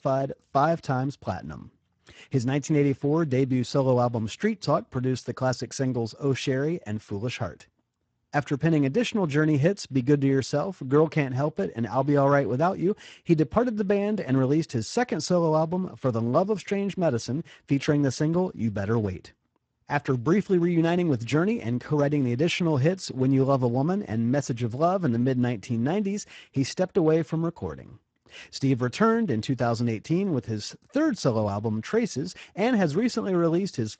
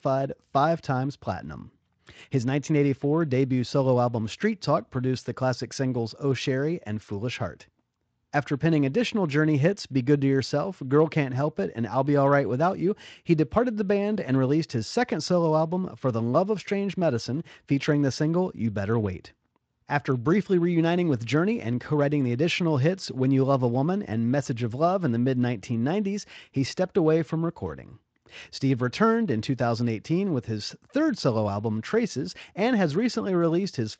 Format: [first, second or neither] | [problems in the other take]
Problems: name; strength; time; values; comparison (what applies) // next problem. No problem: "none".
second | garbled, watery; badly; nothing above 8 kHz; slightly in the second